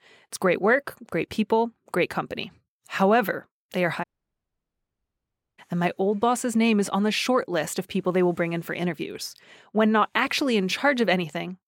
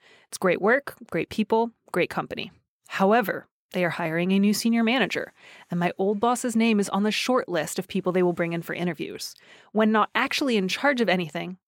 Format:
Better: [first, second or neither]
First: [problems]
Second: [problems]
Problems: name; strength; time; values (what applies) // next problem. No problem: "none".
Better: second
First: audio cutting out; at 4 s for 1.5 s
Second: none